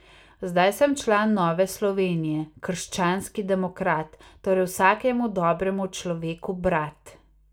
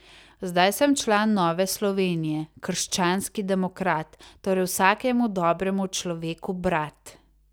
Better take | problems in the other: second | room echo; dies away in 0.2 s

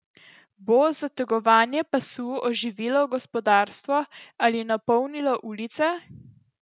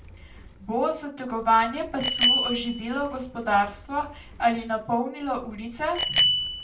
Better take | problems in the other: first | background sound (Bicycle bell); 3 dB below the speech // room echo; dies away in 0.3 s

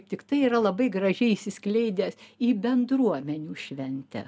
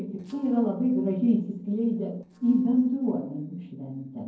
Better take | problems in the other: first | noise reduction (neural separator model SepFormer DNS4)

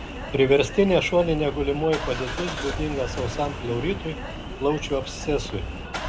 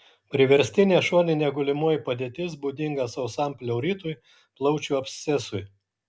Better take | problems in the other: second | background sound (Engine starting / Car); 7 dB below the speech

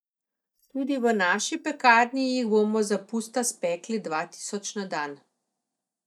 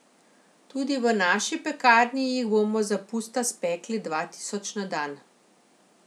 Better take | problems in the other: second | noise reduction (neural mask model DeepFilterNet 3)

